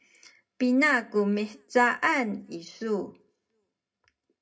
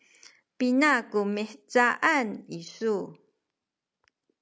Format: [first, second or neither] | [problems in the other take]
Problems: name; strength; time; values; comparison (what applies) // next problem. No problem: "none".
second | room echo; dies away in 0.2 s